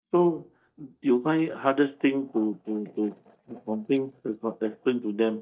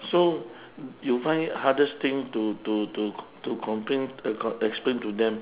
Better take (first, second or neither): second